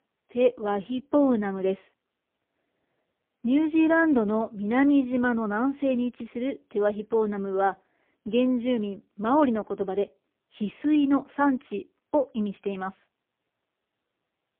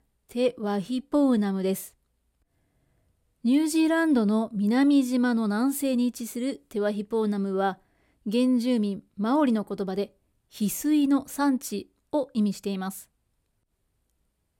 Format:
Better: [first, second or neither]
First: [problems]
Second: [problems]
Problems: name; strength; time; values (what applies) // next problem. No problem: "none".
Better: second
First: phone-call audio; poor line; nothing above 3.5 kHz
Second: none